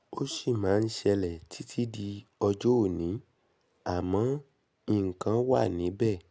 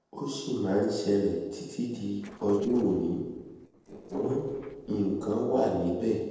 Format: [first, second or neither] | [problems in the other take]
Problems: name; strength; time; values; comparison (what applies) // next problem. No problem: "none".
first | noise reduction (neural separator model SepFormer DNS4)